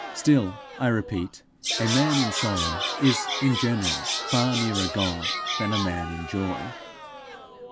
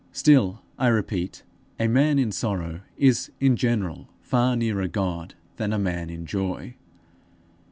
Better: second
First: background sound (Crowd + Bird vocalization, bird call, bird song); 4 dB below the speech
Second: none

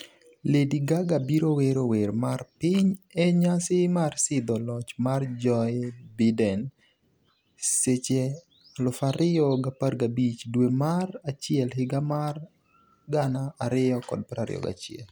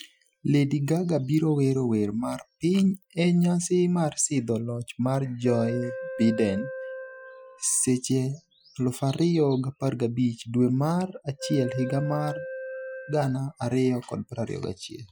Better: first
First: none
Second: noise reduction (classical method Wiener filter)

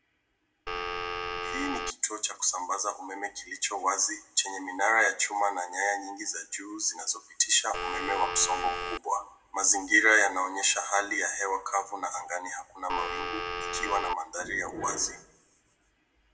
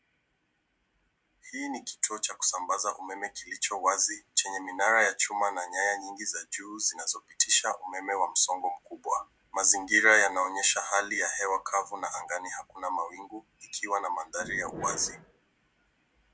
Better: second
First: background sound (Telephone); 4 dB below the speech // room echo; dies away in 0.5 s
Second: none

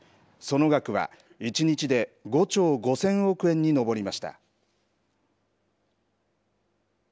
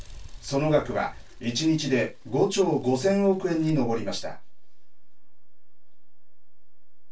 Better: first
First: none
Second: background sound (Mechanisms / Bicycle); 8 dB below the speech // room echo; dies away in 0.1 s

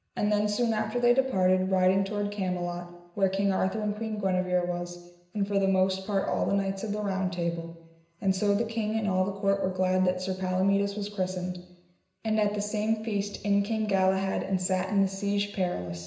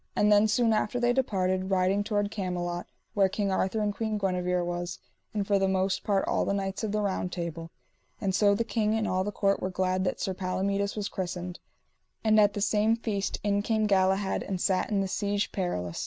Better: second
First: room echo; dies away in 0.9 s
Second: none

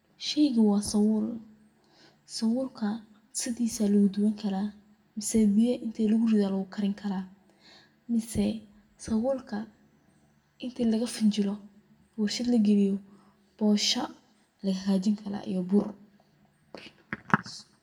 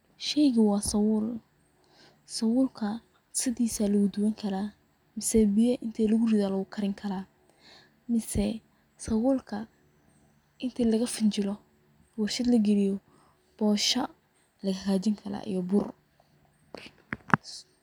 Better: second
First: room echo; dies away in 0.5 s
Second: none

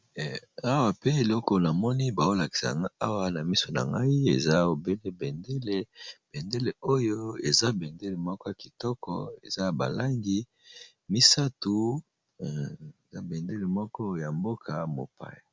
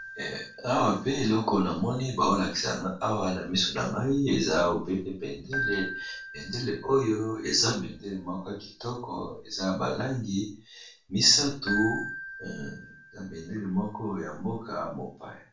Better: first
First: none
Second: background sound (Keyboard (musical)); 13 dB below the speech // room echo; dies away in 0.3 s

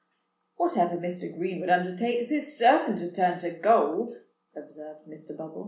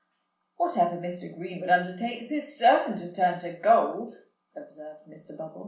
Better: first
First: none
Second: room echo; dies away in 0.3 s

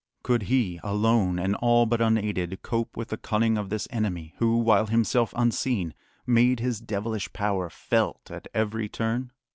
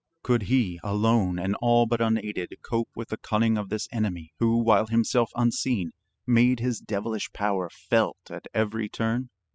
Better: first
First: none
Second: noise reduction (classical method spectral subtraction)

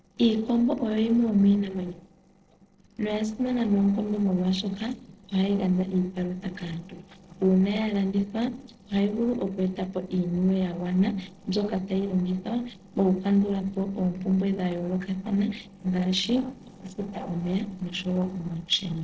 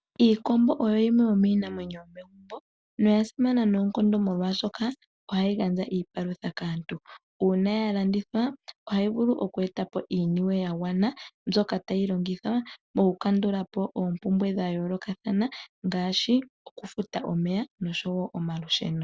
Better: second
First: noise reduction (neural separator model SepFormer DNS4)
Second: none

